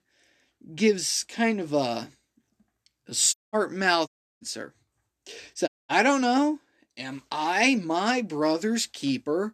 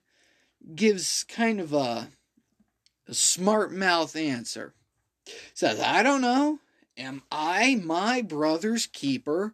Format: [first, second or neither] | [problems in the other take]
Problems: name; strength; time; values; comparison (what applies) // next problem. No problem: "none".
second | audio cutting out; at 3.5 s, at 4 s and at 5.5 s